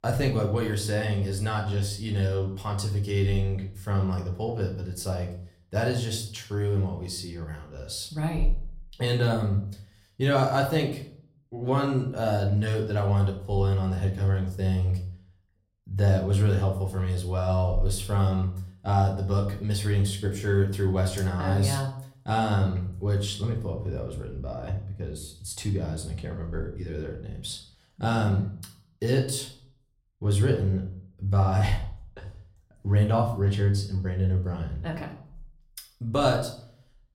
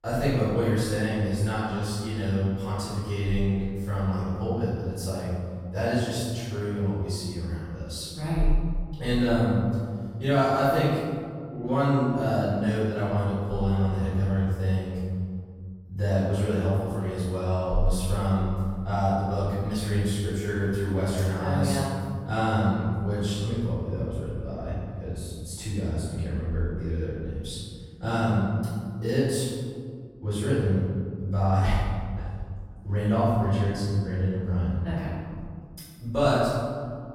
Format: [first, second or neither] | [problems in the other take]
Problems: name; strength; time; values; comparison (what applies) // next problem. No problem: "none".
first | room echo; strong; dies away in 2.1 s; slight in the first // off-mic speech; far; somewhat distant in the first